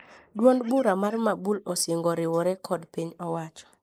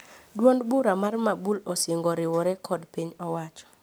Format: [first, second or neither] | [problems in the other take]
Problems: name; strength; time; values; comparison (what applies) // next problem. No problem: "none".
second | noise reduction (neural mask model Resemble Enhance denoiser)